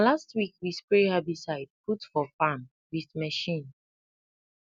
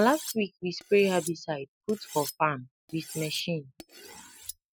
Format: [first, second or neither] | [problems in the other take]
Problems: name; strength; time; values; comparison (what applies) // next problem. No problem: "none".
first | noise reduction (classical method spectral subtraction)